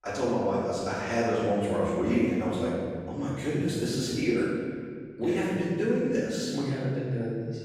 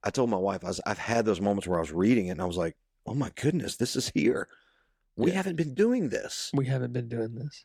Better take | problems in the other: second | off-mic speech; far // room echo; strong; dies away in 1.8 s

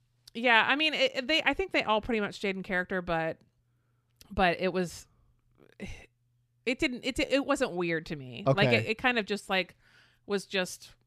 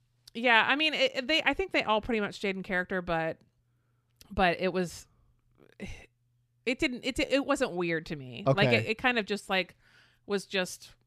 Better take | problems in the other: neither | none

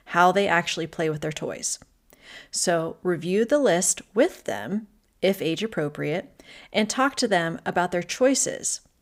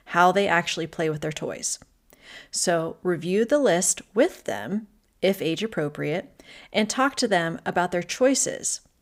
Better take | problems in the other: neither | none

